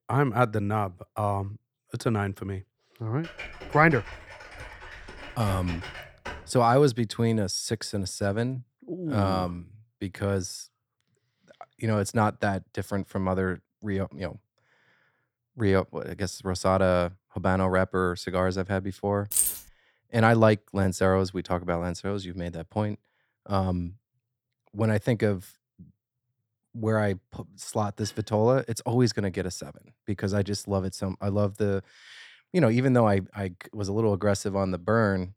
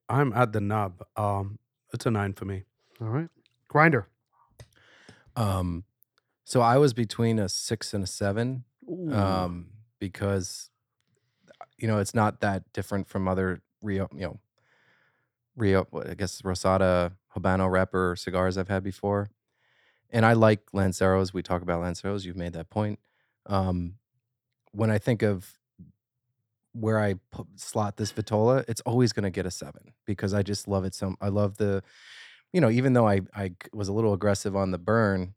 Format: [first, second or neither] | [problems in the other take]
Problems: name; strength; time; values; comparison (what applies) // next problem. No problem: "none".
second | keyboard typing; faint; from 3 to 6.5 s; peak 10 dB below the speech // jangling keys; loud; at 19 s; peak 3 dB above the speech